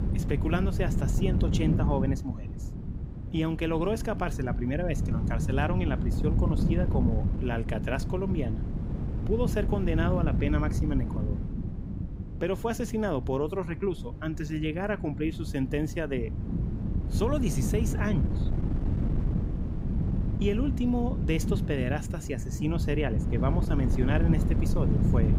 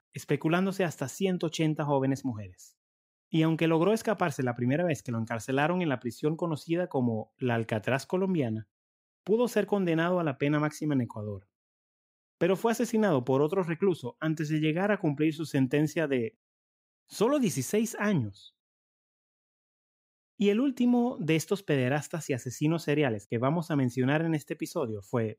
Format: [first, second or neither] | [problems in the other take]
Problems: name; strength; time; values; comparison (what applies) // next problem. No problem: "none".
second | wind noise on the microphone; heavy; 7 dB below the speech